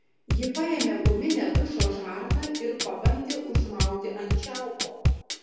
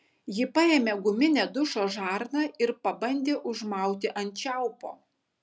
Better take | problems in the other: second | background sound (Bass drum / Drum kit); 3 dB above the speech // room echo; dies away in 1.1 s

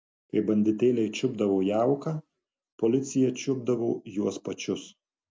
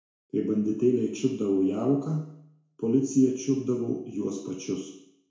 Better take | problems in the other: first | room echo; dies away in 0.6 s

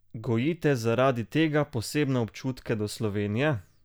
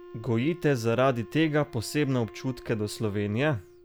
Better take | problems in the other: first | background sound (Wind instrument, woodwind instrument); 20 dB below the speech

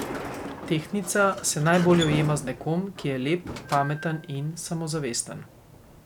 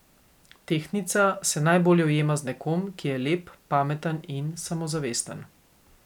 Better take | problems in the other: second | background sound (Sliding door); 11 dB below the speech

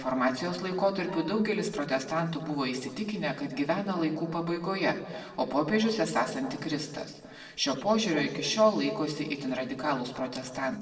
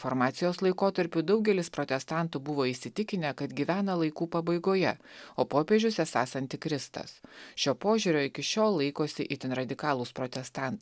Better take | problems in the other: second | noise reduction (neural separator model SepFormer DNS4)

